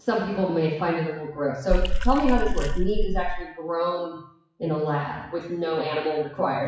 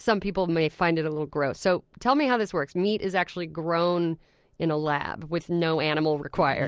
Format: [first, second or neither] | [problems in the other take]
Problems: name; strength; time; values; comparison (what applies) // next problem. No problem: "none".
second | noise reduction (classical method WPE with log-MMSE)